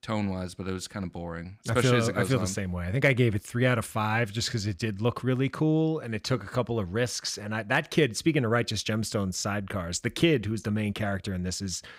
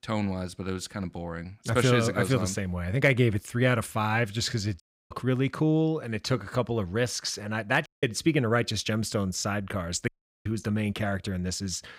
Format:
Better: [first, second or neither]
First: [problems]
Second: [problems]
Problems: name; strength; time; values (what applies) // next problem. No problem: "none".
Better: first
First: none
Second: audio cutting out; at 5 s, at 8 s and at 10 s